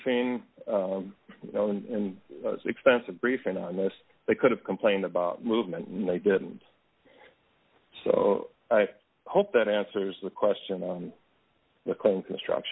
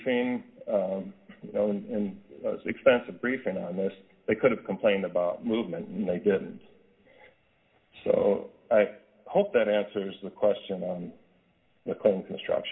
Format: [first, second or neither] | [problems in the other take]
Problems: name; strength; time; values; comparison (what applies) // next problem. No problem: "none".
first | room echo; dies away in 0.4 s